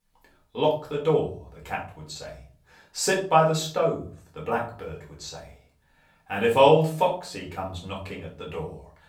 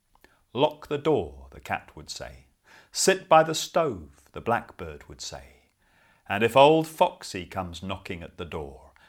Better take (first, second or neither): second